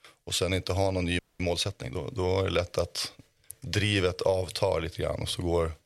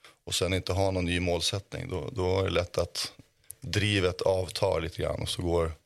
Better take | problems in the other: second | audio freezing; at 1 s

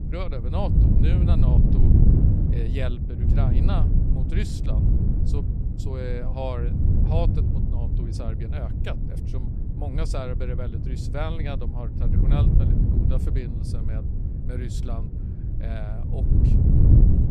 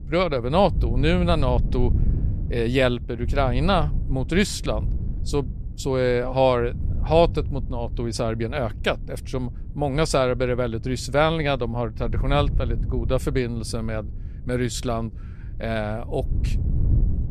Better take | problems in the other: second | wind noise on the microphone; heavy; 1 dB above the speech; occasional gusts in the second

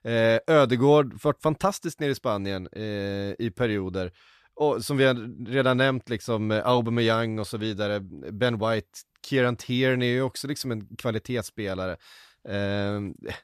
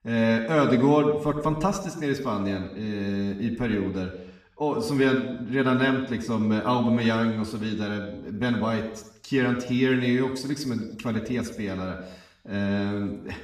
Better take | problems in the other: first | room echo; slight; dies away in 0.8 s // off-mic speech; far

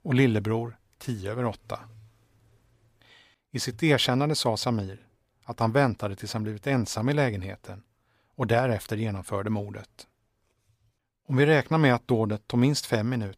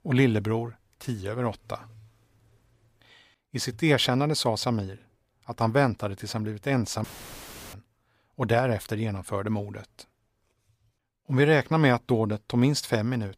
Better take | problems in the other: first | audio cutting out; filled with static; at 7 s for 0.5 s

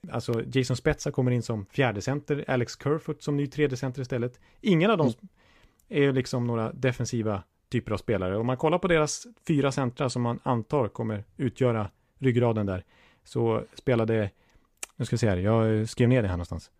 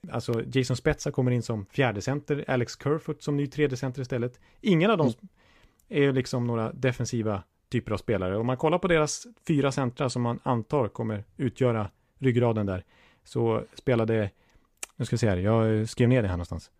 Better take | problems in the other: neither | none

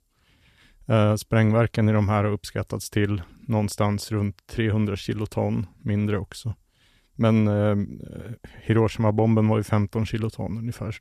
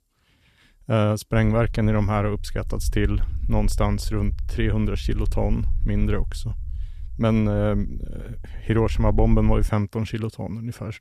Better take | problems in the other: first | low rumble; faint; from 1.5 to 9.5 s; 25 dB below the speech

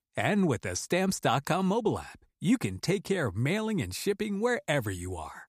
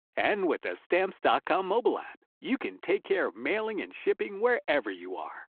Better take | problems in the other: first | phone-call audio

